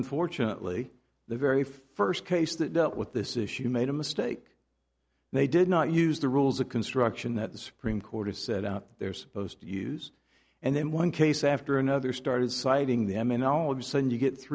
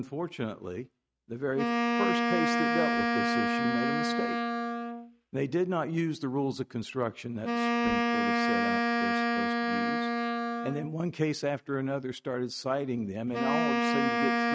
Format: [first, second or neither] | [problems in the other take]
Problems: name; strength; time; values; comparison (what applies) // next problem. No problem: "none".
first | noise reduction (neural mask model RNNoise)